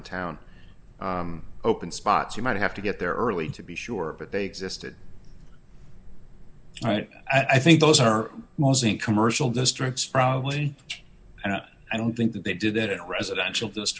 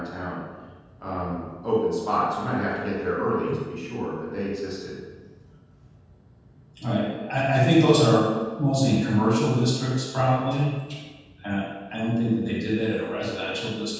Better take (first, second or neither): first